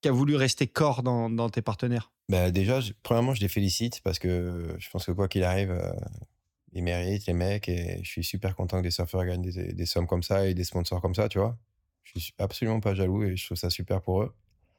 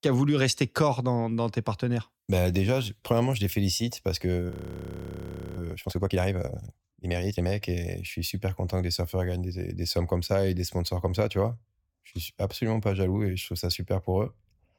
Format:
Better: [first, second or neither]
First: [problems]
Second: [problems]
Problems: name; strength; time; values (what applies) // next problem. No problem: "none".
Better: first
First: none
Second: audio freezing; at 4.5 s for 1 s